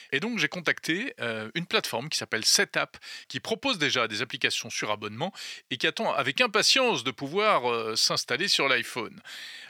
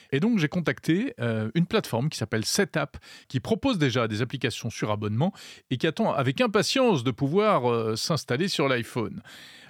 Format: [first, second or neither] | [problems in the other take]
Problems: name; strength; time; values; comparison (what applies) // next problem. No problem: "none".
second | thin; somewhat; fading below 750 Hz